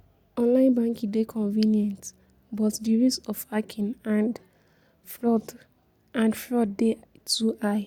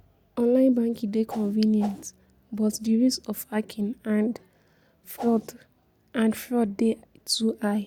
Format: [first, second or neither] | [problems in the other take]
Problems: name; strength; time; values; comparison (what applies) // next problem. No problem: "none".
first | background sound (Whoosh, swoosh, swish); 13 dB below the speech